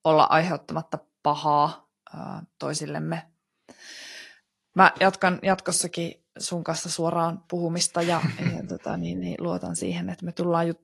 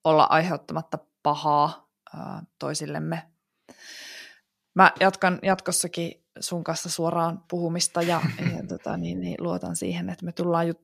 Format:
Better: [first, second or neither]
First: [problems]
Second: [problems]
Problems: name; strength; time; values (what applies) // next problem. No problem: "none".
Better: second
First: garbled, watery; slightly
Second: none